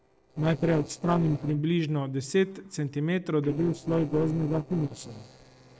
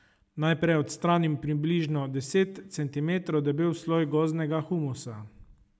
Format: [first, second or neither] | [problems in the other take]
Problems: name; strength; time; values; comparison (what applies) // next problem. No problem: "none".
second | noise reduction (neural separator model SepFormer DNS4)